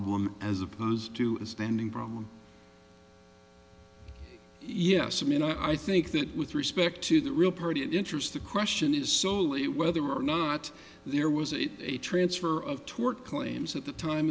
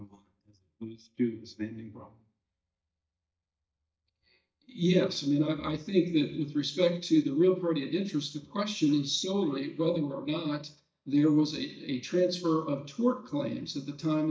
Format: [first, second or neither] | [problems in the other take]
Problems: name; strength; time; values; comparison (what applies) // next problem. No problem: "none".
first | noise reduction (neural mask model DeepFilterNet 3)